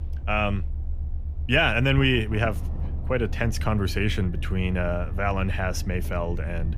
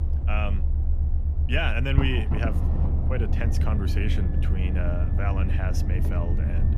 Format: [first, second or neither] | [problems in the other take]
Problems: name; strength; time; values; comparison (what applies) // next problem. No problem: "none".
first | low rumble; loud; throughout; 6 dB below the speech; faint in the first